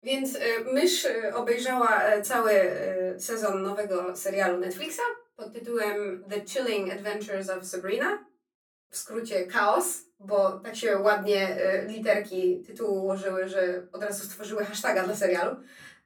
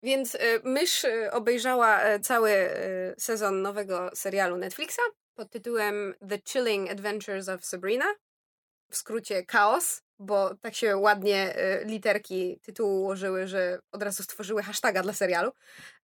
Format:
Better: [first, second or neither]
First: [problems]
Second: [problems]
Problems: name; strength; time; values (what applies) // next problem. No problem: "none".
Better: second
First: off-mic speech; far // room echo; very slight; dies away in 0.3 s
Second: none